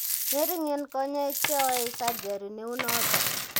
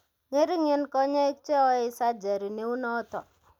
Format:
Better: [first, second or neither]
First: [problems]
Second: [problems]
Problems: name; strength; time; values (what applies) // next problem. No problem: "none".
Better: second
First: background sound (Coin (dropping)); as loud as the speech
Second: none